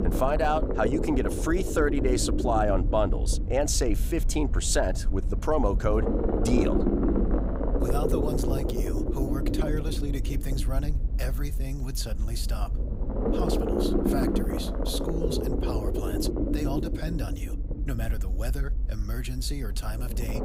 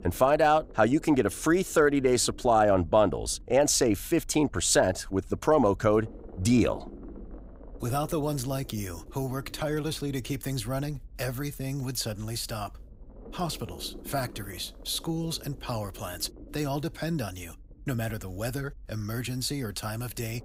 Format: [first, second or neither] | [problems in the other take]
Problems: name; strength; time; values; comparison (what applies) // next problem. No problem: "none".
second | low rumble; loud; throughout; 2 dB below the speech; faint in the second